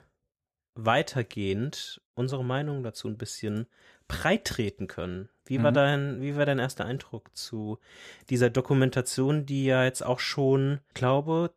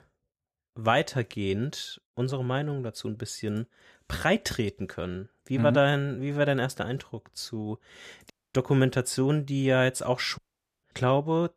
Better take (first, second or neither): first